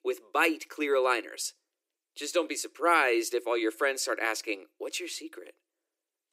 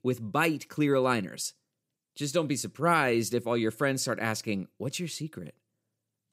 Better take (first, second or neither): second